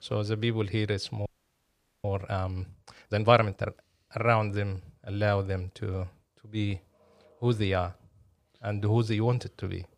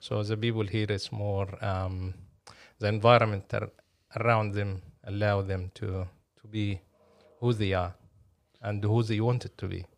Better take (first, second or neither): second